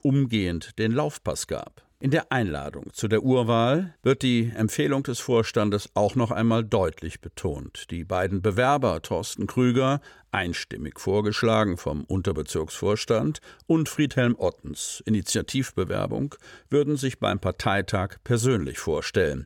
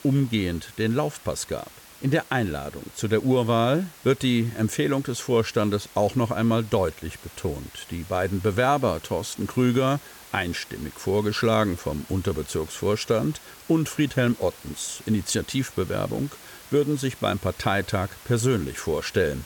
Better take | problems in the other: first | hiss; noticeable; throughout; 20 dB below the speech

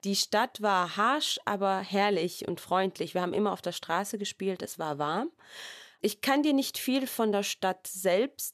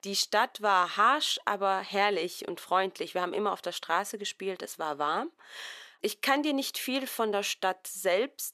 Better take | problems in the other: first | thin; very slightly; fading below 300 Hz

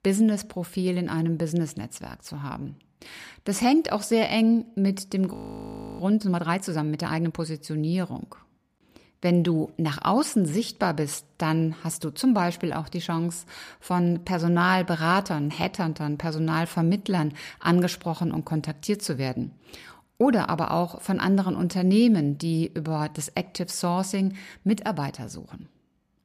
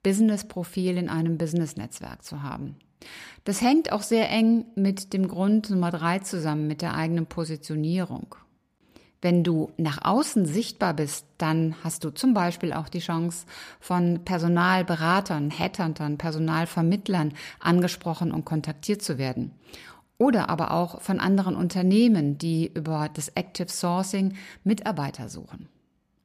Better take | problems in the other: second | audio freezing; at 5.5 s for 0.5 s

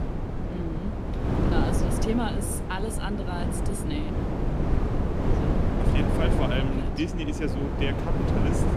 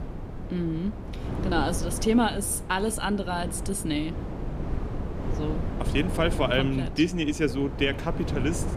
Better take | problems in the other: second | wind noise on the microphone; heavy; 1 dB above the speech; occasional gusts in the second

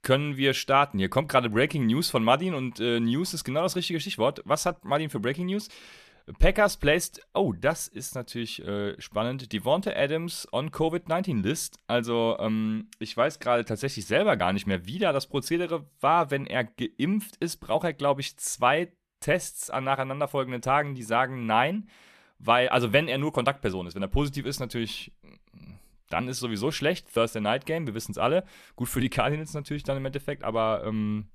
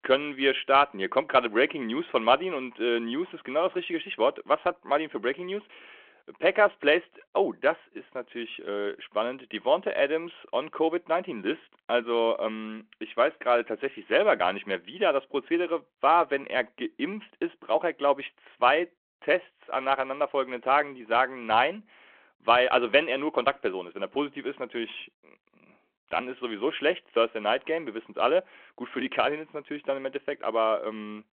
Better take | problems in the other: first | phone-call audio

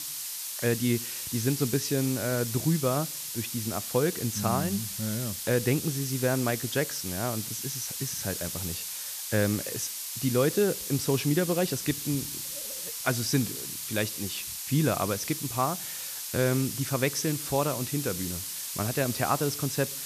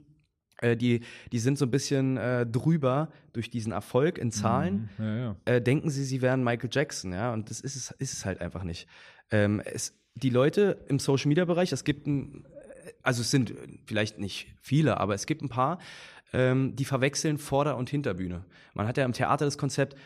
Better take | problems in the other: second | hiss; loud; throughout; 4 dB below the speech

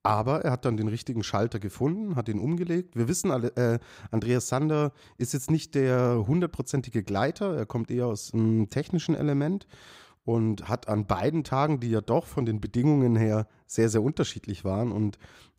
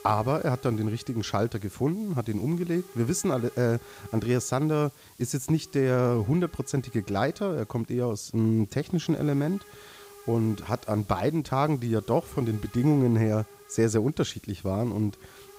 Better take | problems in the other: first | hiss; faint; throughout; 25 dB below the speech

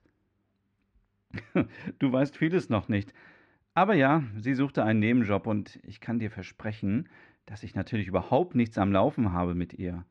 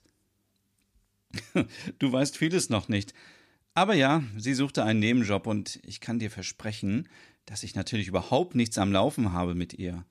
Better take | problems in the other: second | muffled; very; fading above 1.5 kHz

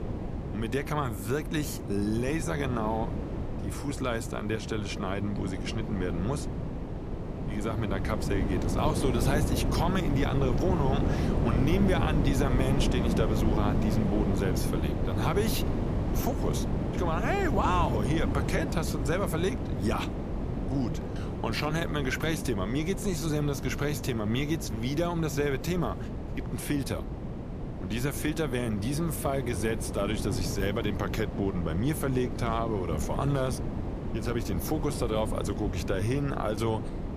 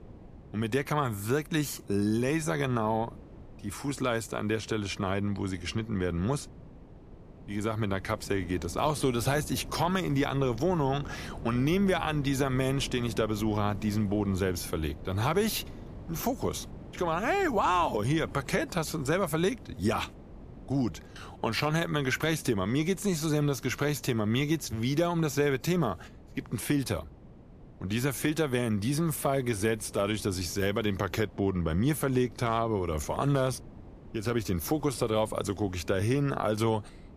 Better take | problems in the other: second | wind noise on the microphone; heavy; 5 dB below the speech; occasional gusts in the second

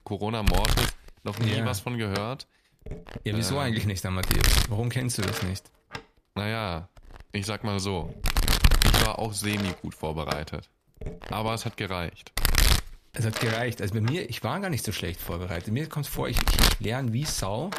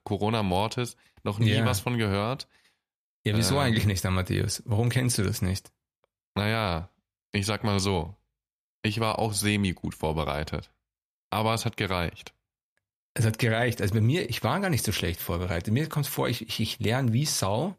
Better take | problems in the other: second | household noises; very loud; throughout; 3 dB above the speech

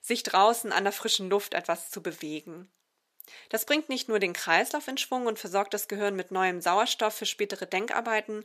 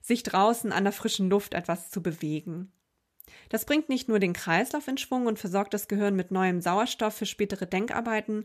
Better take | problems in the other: second | thin; somewhat; fading below 400 Hz

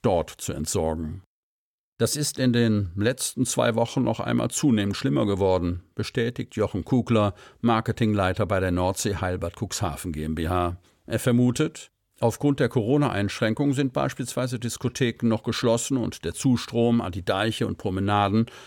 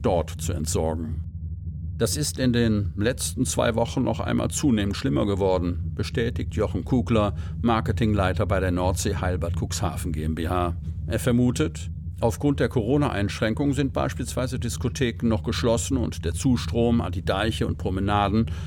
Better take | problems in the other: first | low rumble; noticeable; throughout; 20 dB below the speech

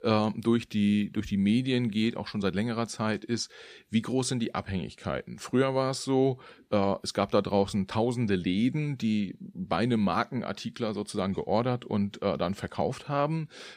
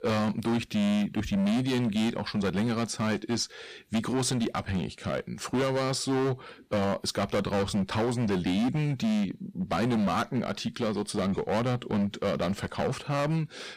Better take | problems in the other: first | distortion; heavy; 19% of the sound clipped

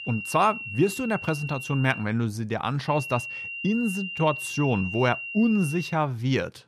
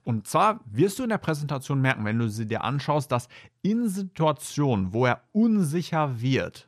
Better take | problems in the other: second | high-pitched whine; loud; until 2 s and from 3 to 6 s; 3 kHz, 8 dB below the speech

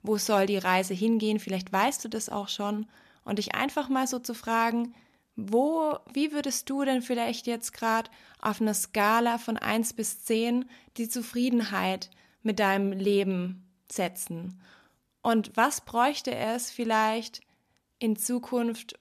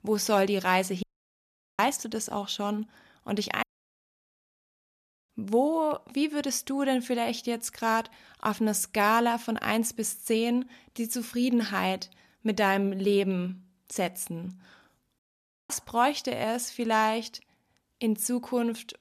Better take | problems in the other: first | audio cutting out; at 1 s for 1 s, at 3.5 s for 1.5 s and at 15 s for 0.5 s

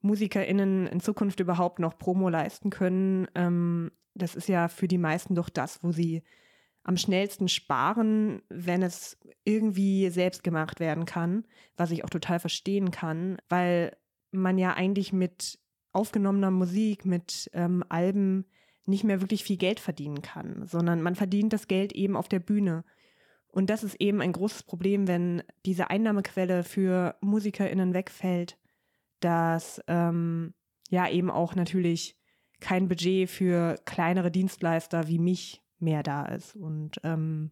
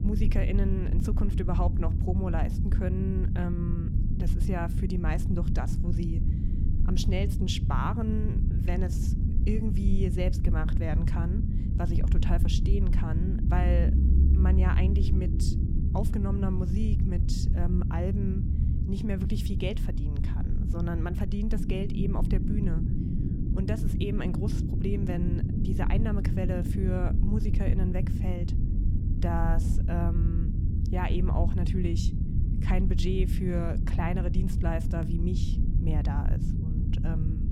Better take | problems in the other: first | low rumble; loud; throughout; 4 dB below the speech

